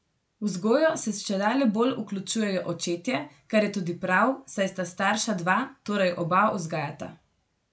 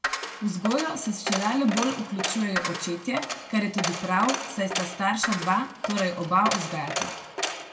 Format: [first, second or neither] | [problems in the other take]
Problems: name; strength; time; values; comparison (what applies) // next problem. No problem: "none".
first | background sound (Coin (dropping)); 5 dB below the speech // room echo; dies away in 0.9 s